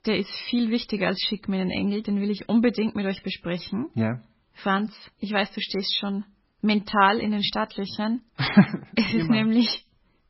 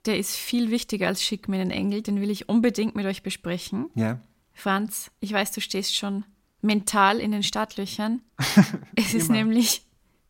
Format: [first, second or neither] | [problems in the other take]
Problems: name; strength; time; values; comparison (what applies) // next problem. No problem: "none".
second | garbled, watery; badly; nothing above 5.5 kHz